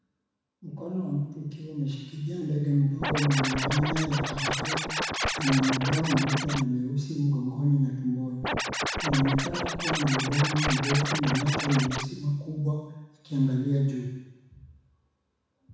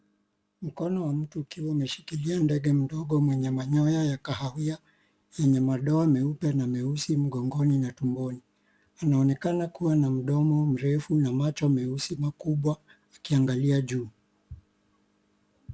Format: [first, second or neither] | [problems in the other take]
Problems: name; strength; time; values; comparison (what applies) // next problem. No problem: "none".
second | background sound (Scratching (performance technique)); 2 dB below the speech // room echo; dies away in 1.1 s